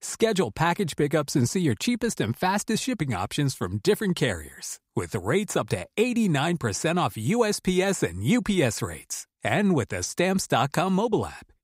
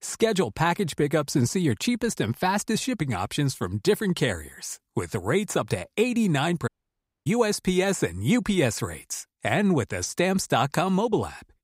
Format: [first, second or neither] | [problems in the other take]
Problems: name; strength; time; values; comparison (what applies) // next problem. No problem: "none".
first | audio cutting out; at 6.5 s for 0.5 s